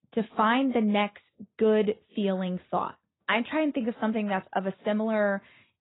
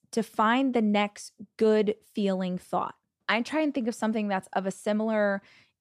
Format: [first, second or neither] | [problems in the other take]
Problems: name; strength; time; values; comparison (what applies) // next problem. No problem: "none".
second | garbled, watery; badly; nothing above 3.5 kHz